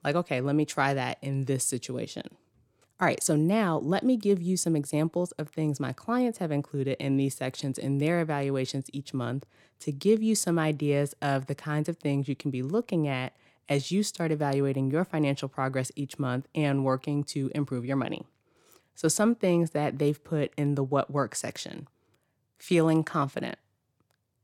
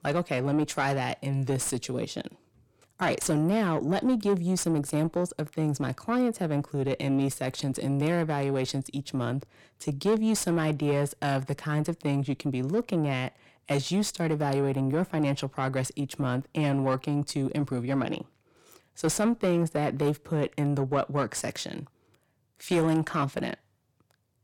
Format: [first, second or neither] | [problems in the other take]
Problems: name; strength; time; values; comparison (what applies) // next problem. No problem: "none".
first | distortion; slight; 10 dB below the speech